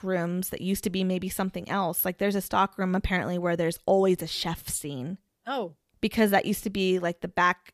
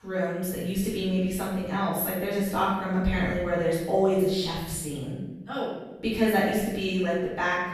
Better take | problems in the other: first | off-mic speech; far // room echo; strong; dies away in 1 s

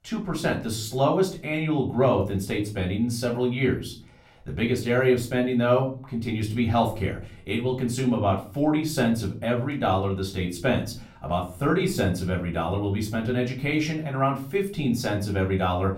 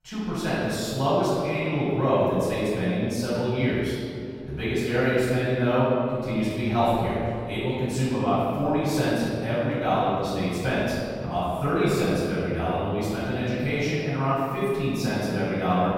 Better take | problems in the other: first | room echo; strong; dies away in 2.2 s; slight in the first // off-mic speech; far; somewhat distant in the first

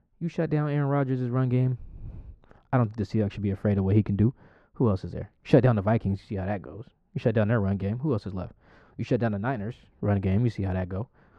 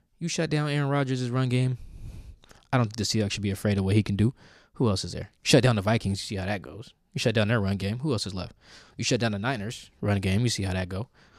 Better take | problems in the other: second | muffled; very; fading above 3 kHz

